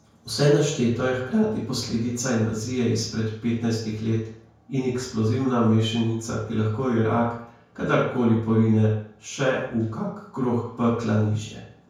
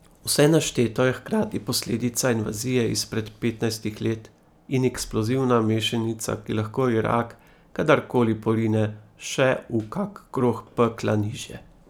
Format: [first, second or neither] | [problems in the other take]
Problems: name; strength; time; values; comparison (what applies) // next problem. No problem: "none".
second | room echo; dies away in 0.5 s